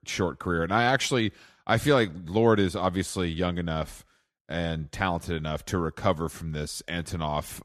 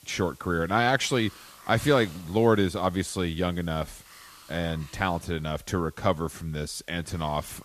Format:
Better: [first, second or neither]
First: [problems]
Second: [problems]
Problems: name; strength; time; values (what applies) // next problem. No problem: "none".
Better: first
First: none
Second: hiss; faint; throughout; 25 dB below the speech